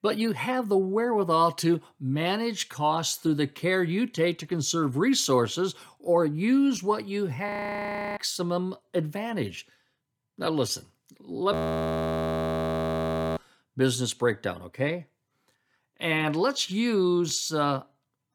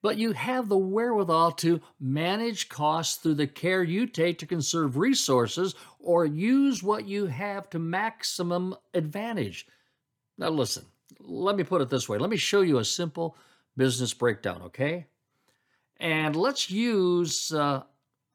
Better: second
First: audio freezing; at 7.5 s for 0.5 s and at 12 s for 2 s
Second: none

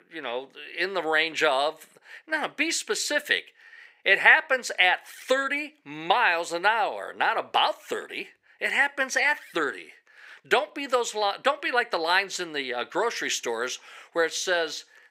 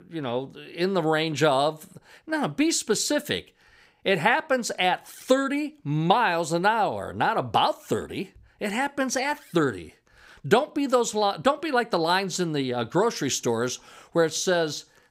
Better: second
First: thin; somewhat; fading below 500 Hz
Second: none

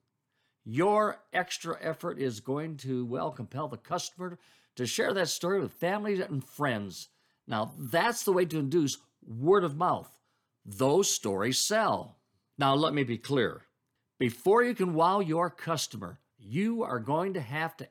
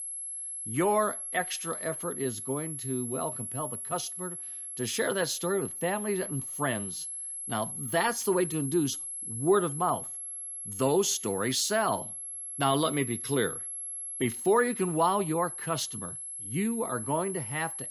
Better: first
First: none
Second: high-pitched whine; loud; throughout; 11 kHz, 5 dB below the speech

